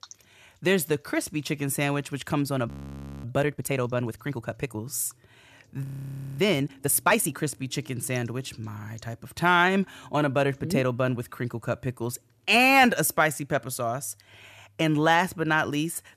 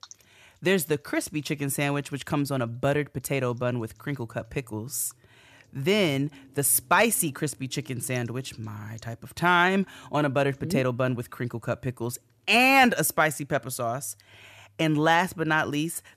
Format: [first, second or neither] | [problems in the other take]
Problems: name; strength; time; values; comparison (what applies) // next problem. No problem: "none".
second | audio freezing; at 2.5 s for 0.5 s and at 6 s for 0.5 s